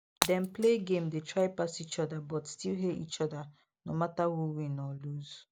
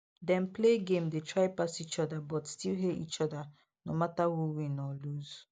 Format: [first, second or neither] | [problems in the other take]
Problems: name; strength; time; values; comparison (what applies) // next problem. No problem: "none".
second | background sound (Shatter); 6 dB below the speech